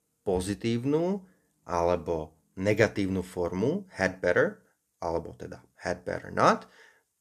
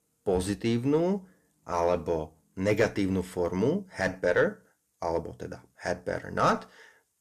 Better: first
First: none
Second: distortion; slight; 10 dB below the speech

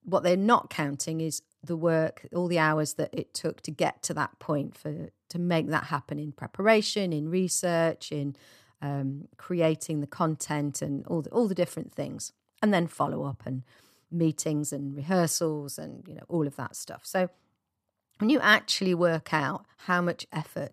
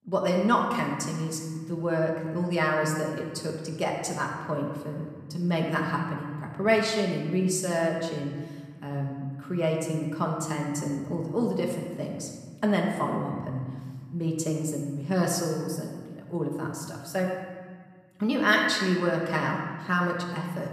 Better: first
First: none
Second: room echo; noticeable; dies away in 1.4 s // off-mic speech; somewhat distant

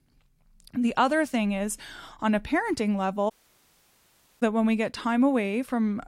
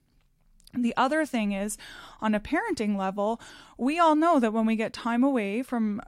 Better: second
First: audio cutting out; at 3.5 s for 1 s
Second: none

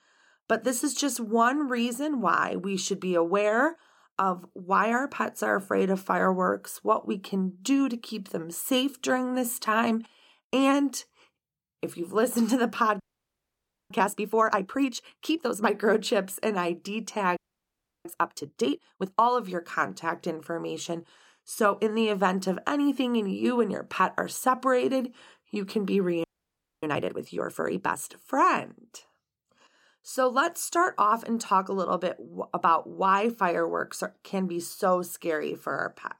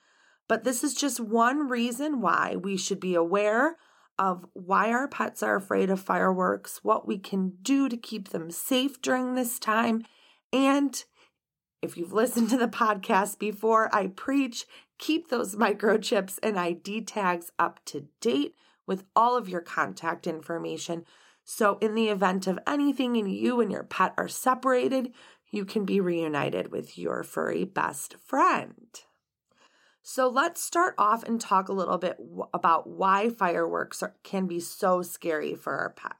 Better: second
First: audio freezing; at 13 s for 1 s, at 17 s for 0.5 s and at 26 s for 0.5 s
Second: none

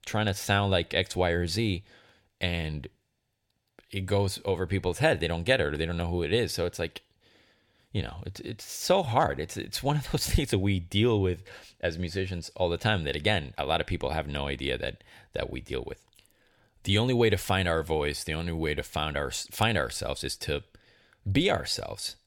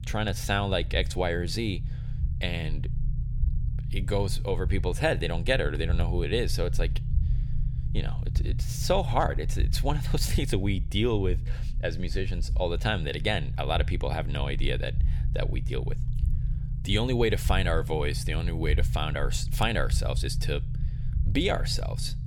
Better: first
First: none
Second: low rumble; noticeable; throughout; 15 dB below the speech

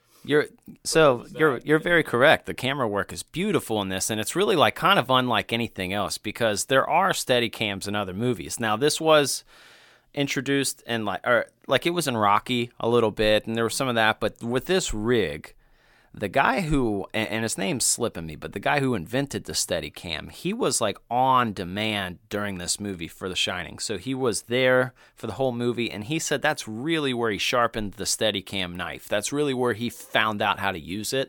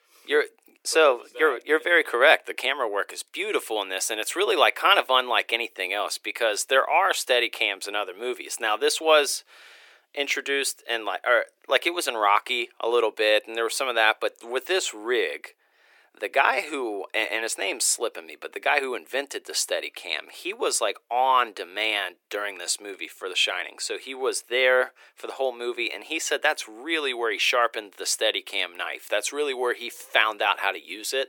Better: first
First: none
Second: thin; very; fading below 350 Hz

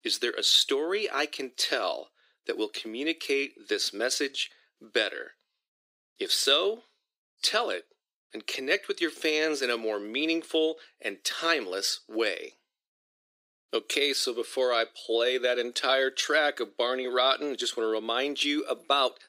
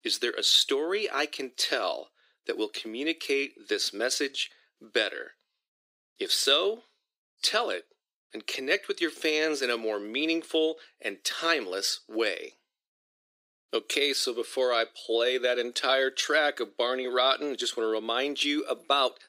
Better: neither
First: thin; somewhat; fading below 300 Hz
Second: thin; somewhat; fading below 300 Hz

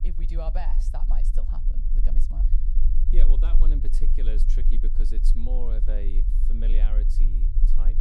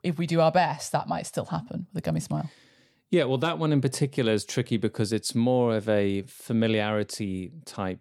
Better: second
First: low rumble; loud; throughout; 7 dB below the speech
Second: none

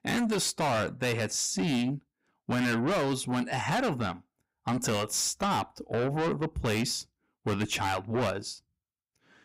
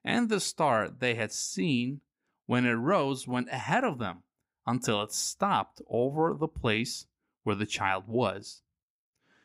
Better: second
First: distortion; heavy; 6 dB below the speech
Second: none

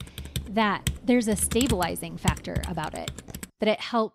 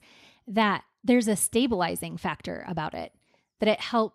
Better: second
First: keyboard typing; noticeable; until 3.5 s; peak 2 dB below the speech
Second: none

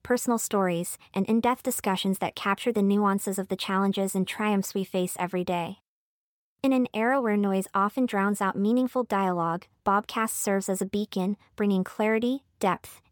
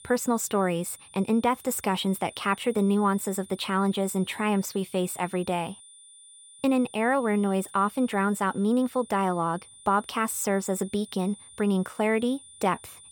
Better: first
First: none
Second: high-pitched whine; faint; throughout; 9.5 kHz, 20 dB below the speech

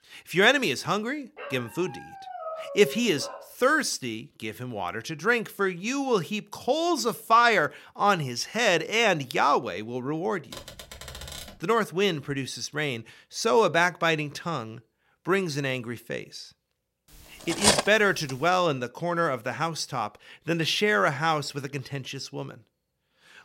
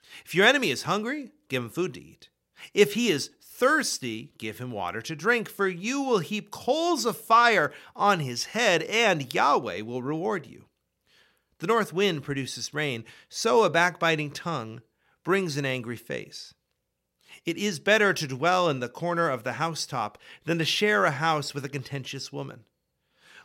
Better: second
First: dog barking; faint; from 1.5 to 3.5 s; peak 10 dB below the speech // keyboard typing; faint; from 11 to 12 s; peak 10 dB below the speech // clattering dishes; loud; at 18 s; peak 4 dB above the speech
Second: none

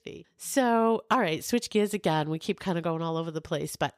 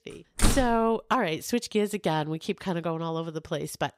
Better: first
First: none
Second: door banging; loud; at 0.5 s; peak 1 dB above the speech

